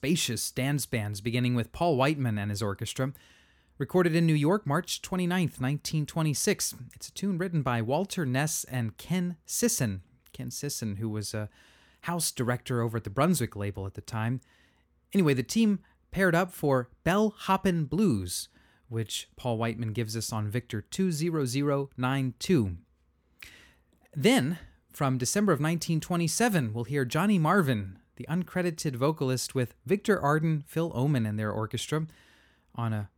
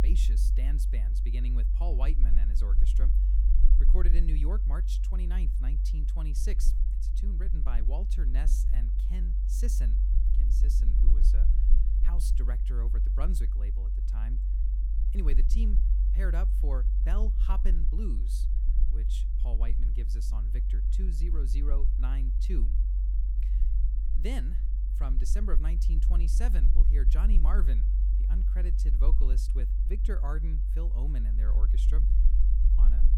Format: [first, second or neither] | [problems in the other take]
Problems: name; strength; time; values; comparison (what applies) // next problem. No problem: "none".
first | low rumble; loud; throughout; 5 dB below the speech